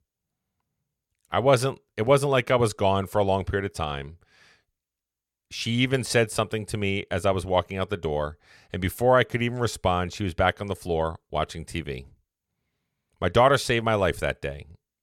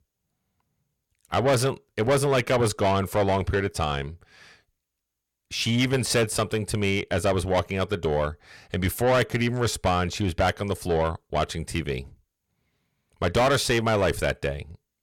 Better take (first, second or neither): first